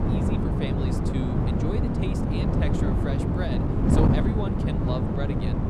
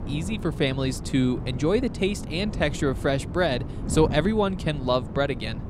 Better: second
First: wind noise on the microphone; heavy; 5 dB above the speech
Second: wind noise on the microphone; occasional gusts; 15 dB below the speech

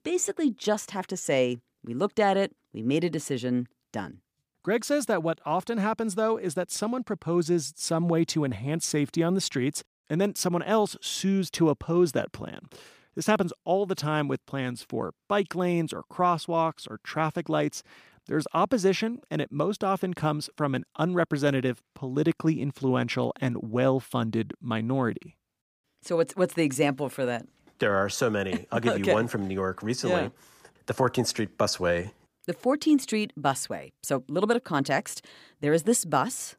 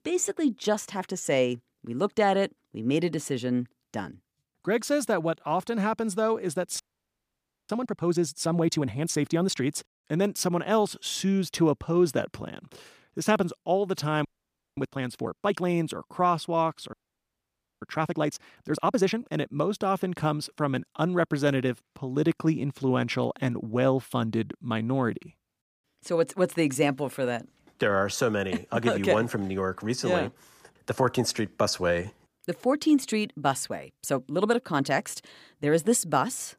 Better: first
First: none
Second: audio freezing; at 7 s for 1 s, at 14 s for 0.5 s and at 17 s for 1 s

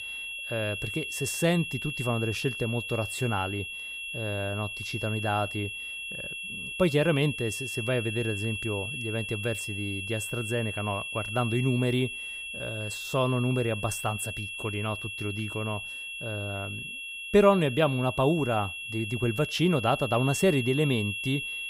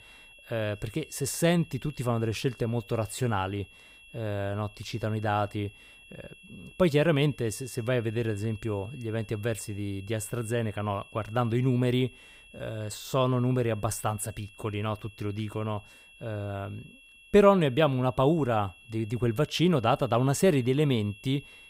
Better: second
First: high-pitched whine; loud; throughout; 2.5 kHz, 5 dB below the speech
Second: high-pitched whine; faint; throughout; 2.5 kHz, 20 dB below the speech

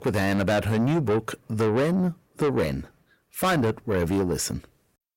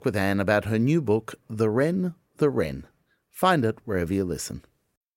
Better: second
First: distortion; heavy; 7 dB below the speech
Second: none

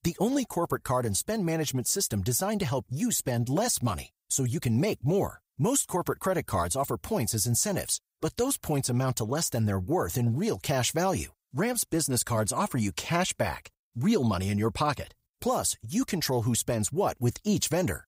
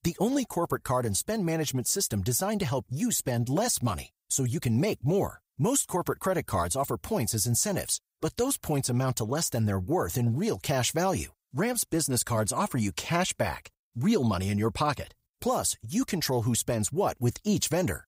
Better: neither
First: none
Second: none

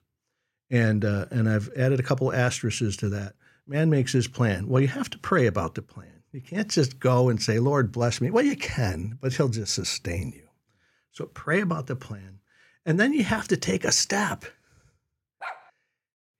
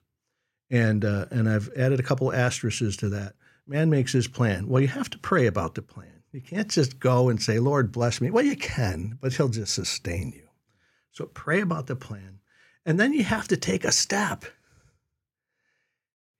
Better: second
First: dog barking; faint; at 15 s; peak 15 dB below the speech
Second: none

